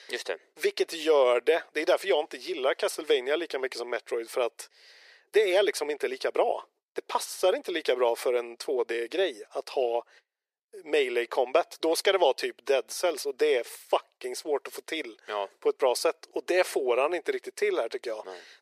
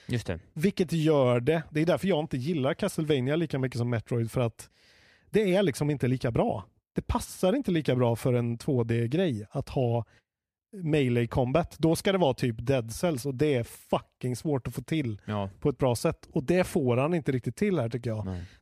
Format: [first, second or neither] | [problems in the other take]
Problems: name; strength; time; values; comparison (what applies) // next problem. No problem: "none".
second | thin; very; fading below 400 Hz